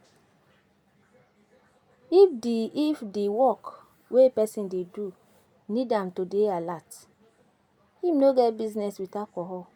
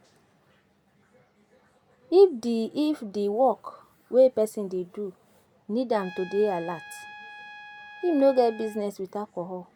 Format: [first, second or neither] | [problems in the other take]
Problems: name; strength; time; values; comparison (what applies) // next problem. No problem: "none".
first | background sound (Trumpet); 18 dB below the speech